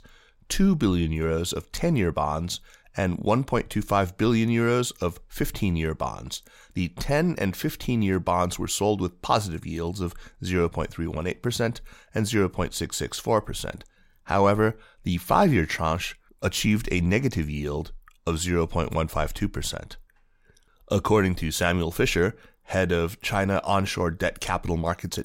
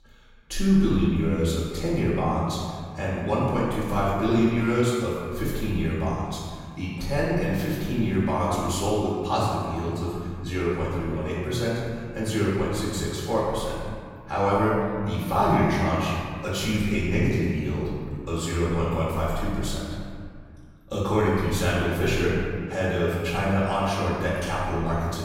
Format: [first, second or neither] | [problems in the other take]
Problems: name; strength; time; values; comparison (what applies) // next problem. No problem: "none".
first | room echo; strong; dies away in 1.9 s // off-mic speech; far